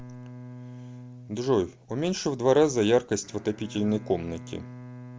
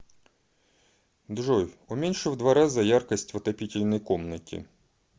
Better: second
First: background sound (Bowed string instrument); 16 dB below the speech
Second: none

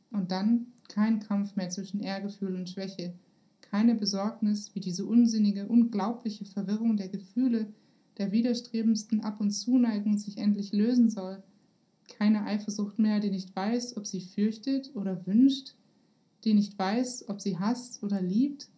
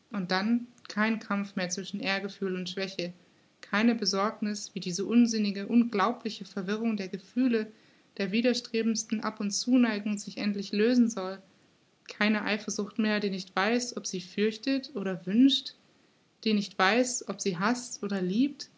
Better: second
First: room echo; dies away in 0.3 s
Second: none

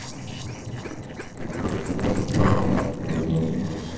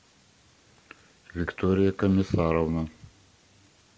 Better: second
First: noise reduction (neural separator model SepFormer DNS4)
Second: none

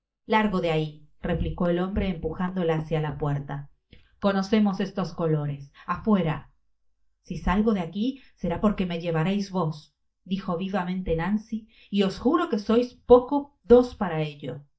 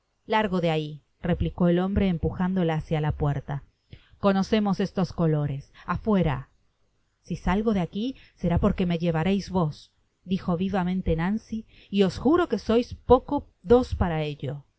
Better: second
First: noise reduction (neural mask model DeepFilterNet 3)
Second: none

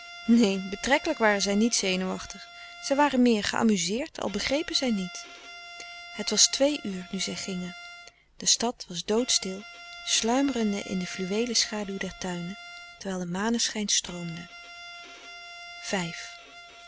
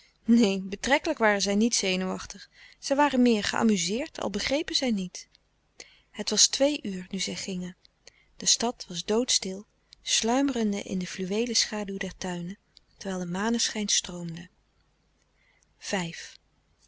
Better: second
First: background sound (Bowed string instrument); 17 dB below the speech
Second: none

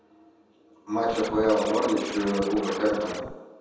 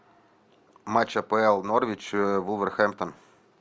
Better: second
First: background sound (Scratching (performance technique)); 12 dB below the speech // room echo; dies away in 1.1 s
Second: none

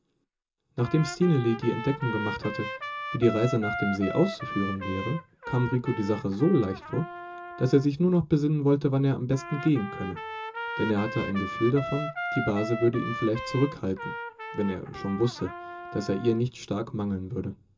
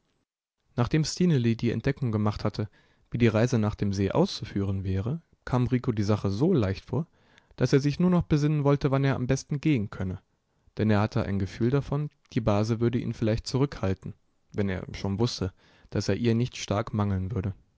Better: second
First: background sound (Trumpet); 10 dB below the speech // room echo; dies away in 0.2 s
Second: none

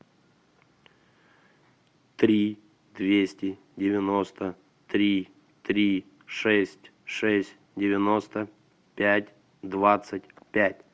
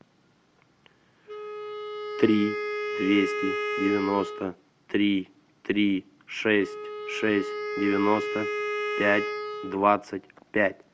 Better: first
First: none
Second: background sound (Wind instrument, woodwind instrument); 6 dB below the speech

